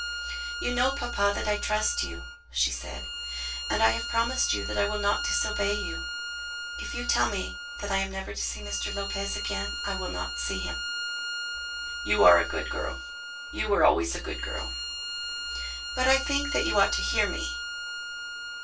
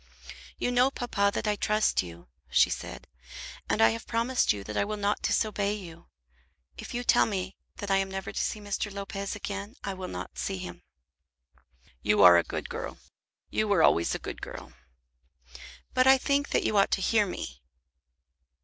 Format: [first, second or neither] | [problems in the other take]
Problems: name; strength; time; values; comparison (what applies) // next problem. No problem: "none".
second | background sound (Bowed string instrument); 5 dB below the speech // room echo; dies away in 0.1 s